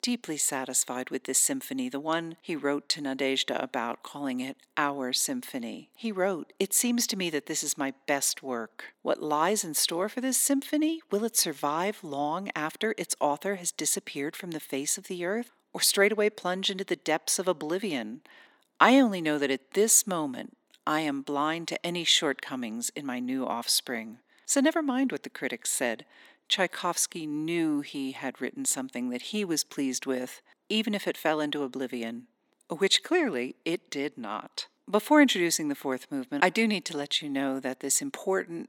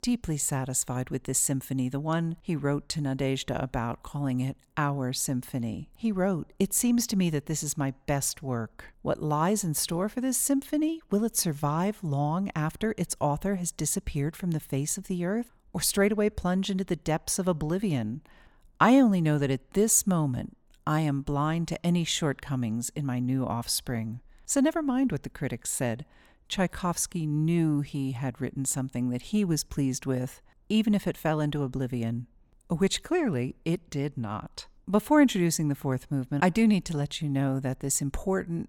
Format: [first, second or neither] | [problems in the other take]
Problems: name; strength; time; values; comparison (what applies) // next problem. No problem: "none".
second | thin; very slightly; fading below 250 Hz